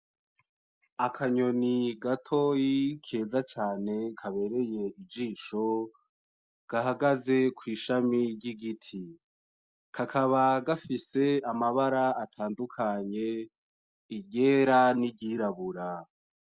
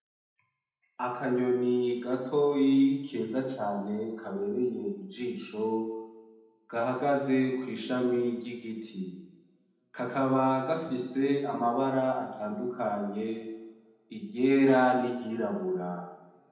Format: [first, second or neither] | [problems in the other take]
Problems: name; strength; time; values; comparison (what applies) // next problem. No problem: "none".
first | room echo; dies away in 0.9 s